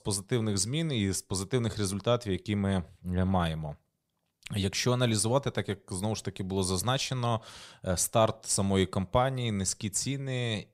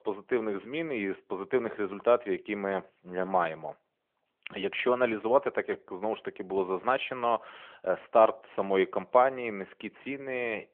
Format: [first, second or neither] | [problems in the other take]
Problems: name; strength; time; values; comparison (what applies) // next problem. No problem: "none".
first | phone-call audio; nothing above 3.5 kHz